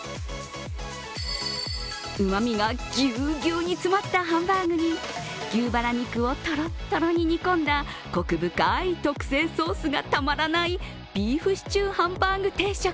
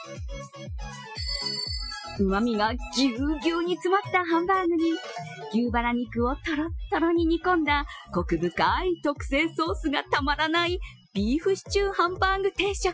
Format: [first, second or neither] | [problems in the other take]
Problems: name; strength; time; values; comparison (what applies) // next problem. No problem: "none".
first | noise reduction (classical method Wiener filter)